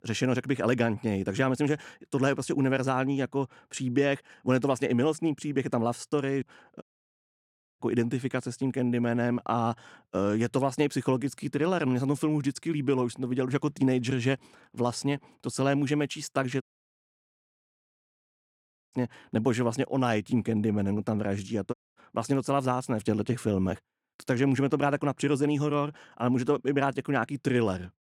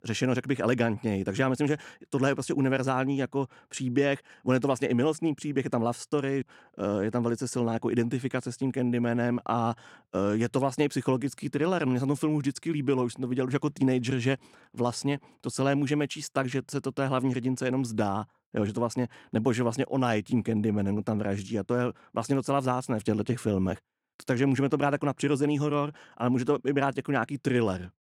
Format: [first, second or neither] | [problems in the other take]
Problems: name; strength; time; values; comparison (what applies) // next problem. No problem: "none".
second | audio cutting out; at 7 s for 1 s, at 17 s for 2.5 s and at 22 s